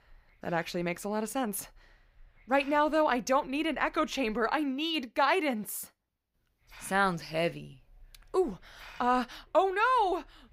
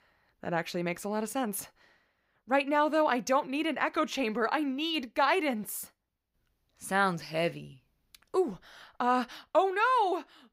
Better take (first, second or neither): second